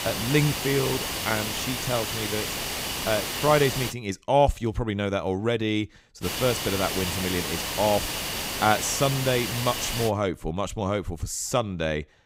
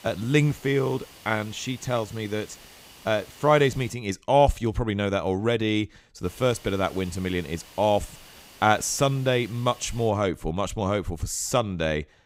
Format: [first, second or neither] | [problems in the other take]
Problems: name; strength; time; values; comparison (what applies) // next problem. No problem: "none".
second | hiss; loud; until 4 s and from 6 to 10 s; 2 dB below the speech; faint in the second